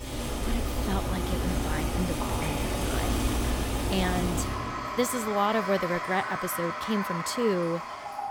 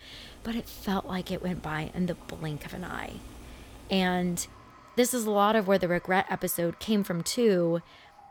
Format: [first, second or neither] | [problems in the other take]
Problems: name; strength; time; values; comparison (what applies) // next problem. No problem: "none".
second | household noises; loud; throughout; as loud as the speech; faint in the second